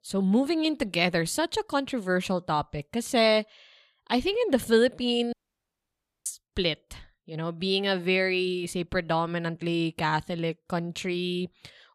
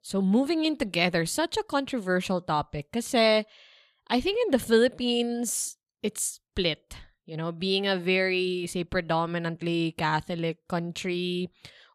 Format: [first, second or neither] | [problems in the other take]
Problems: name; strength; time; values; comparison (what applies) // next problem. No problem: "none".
second | audio cutting out; at 5.5 s for 1 s